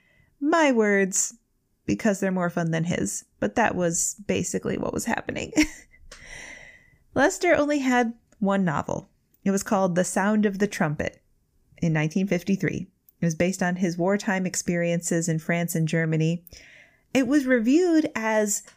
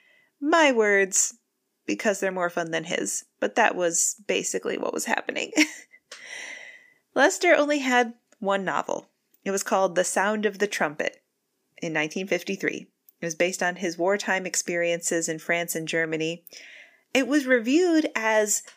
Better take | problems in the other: first | thin; somewhat; fading below 300 Hz

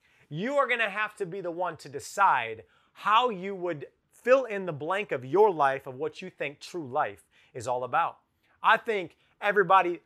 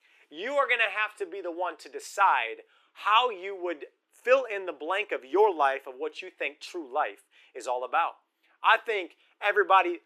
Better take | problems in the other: first | thin; somewhat; fading below 300 Hz

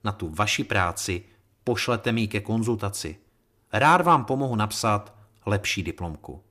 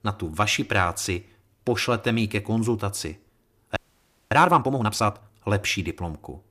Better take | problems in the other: first | audio freezing; at 4 s for 0.5 s

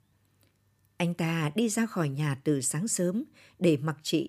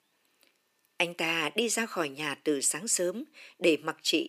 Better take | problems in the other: first | thin; somewhat; fading below 350 Hz

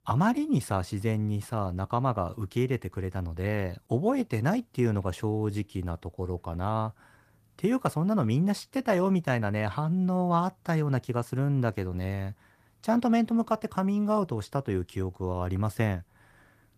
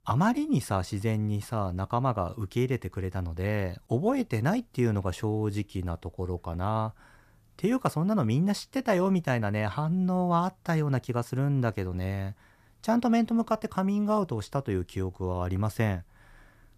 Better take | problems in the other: second | garbled, watery; slightly; nothing above 14.5 kHz

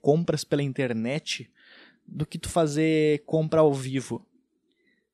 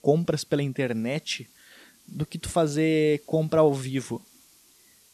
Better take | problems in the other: first | hiss; faint; throughout; 30 dB below the speech

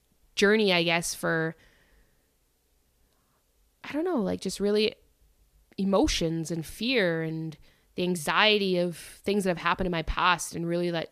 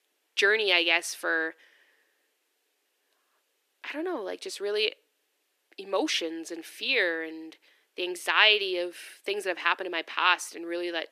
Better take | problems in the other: first | thin; very; fading below 300 Hz

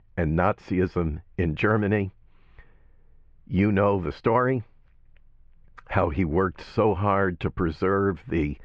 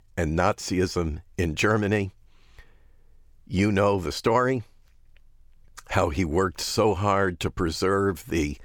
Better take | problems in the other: second | muffled; very; fading above 2.5 kHz

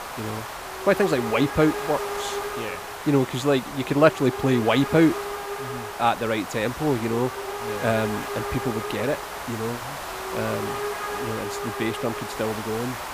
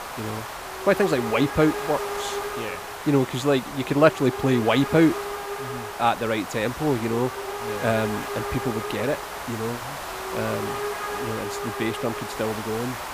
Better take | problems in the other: neither | hiss; loud; throughout; 7 dB below the speech; the same in both

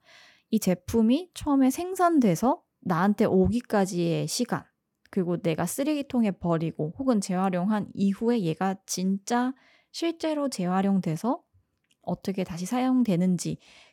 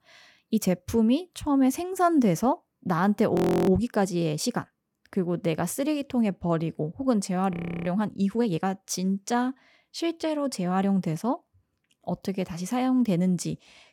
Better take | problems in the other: first | audio freezing; at 3.5 s and at 7.5 s

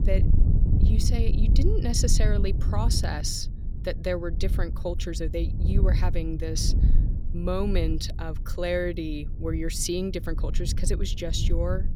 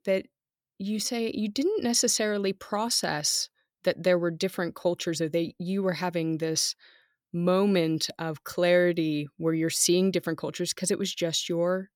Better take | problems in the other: second | wind noise on the microphone; occasional gusts; 10 dB below the speech

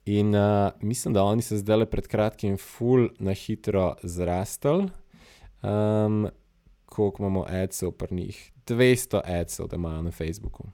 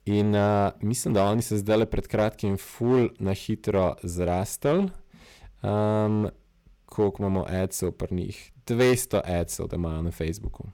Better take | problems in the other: first | distortion; slight; 4% of the sound clipped

